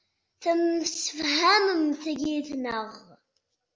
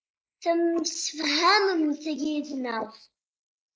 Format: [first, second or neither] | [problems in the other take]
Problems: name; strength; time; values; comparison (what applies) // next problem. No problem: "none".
first | noise reduction (neural mask model Resemble Enhance denoiser)